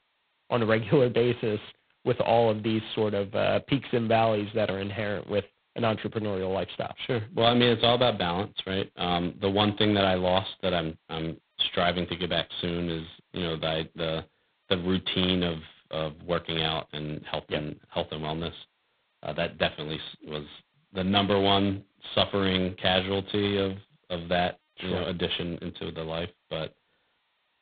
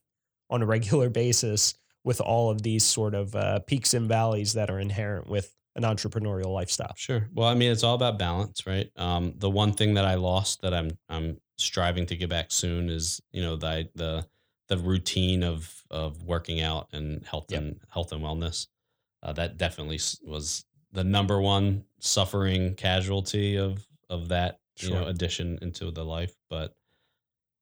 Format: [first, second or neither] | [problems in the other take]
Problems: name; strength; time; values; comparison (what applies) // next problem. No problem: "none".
second | phone-call audio; poor line; nothing above 3.5 kHz